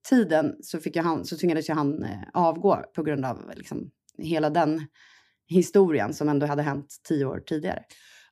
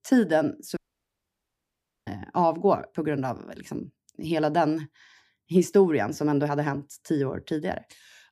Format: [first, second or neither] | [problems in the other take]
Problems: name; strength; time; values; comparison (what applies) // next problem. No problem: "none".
first | audio cutting out; at 1 s for 1.5 s